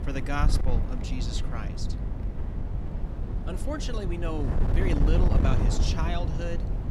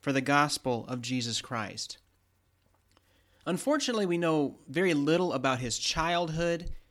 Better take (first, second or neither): second